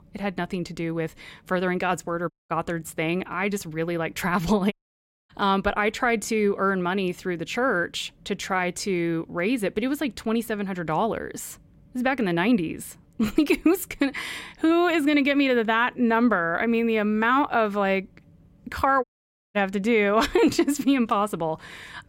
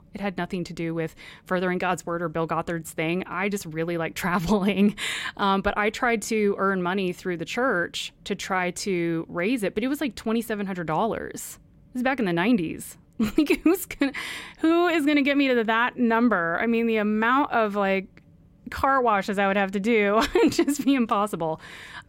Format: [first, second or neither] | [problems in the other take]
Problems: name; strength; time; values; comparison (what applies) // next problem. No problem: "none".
second | audio cutting out; at 2.5 s, at 4.5 s for 0.5 s and at 19 s for 0.5 s